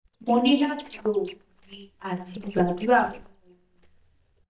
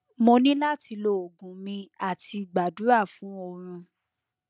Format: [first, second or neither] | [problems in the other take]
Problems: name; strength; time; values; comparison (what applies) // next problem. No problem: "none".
second | noise reduction (neural mask model DeepFilterNet 3)